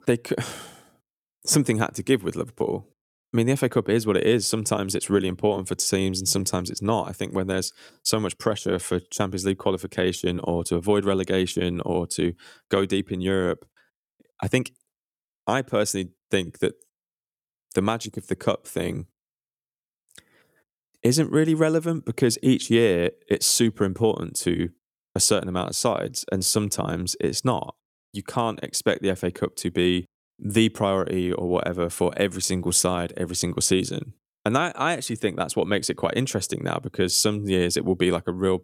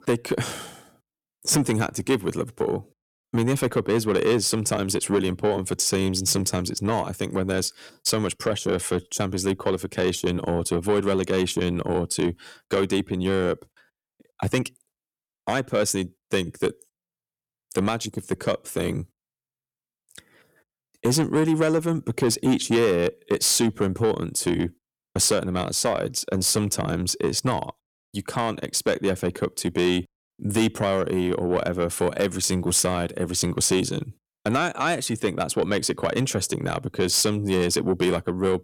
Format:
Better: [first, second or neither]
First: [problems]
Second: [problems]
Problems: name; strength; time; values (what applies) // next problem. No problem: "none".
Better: first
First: none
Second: distortion; slight; 10 dB below the speech